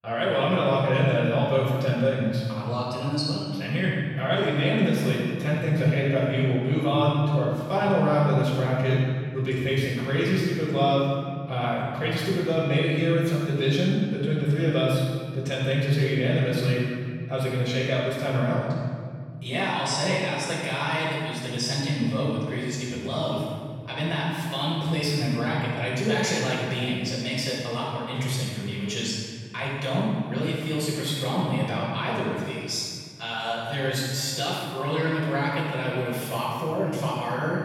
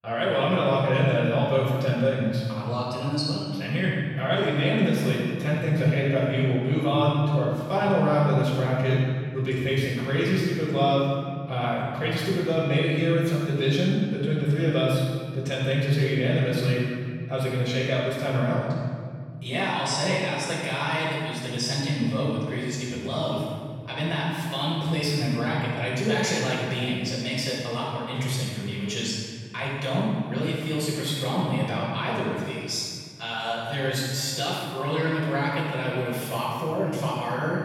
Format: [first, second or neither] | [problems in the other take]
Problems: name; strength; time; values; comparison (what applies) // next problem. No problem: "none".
neither | room echo; strong; dies away in 2.2 s; the same in both // off-mic speech; far; the same in both